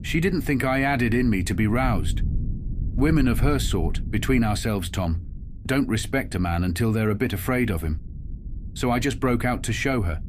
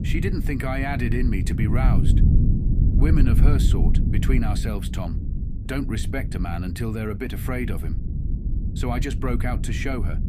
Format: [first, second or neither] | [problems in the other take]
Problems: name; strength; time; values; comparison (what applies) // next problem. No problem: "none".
first | low rumble; loud; throughout; 6 dB below the speech; faint in the first